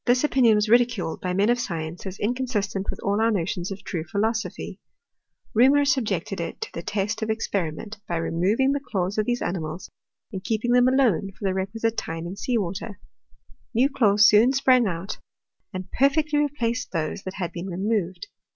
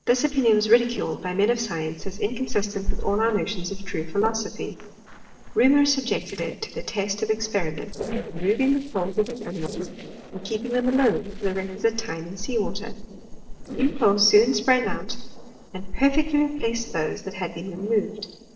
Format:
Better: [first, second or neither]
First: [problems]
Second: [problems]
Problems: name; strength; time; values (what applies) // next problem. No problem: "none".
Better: first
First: none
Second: noise reduction (neural separator model SepFormer DNS4)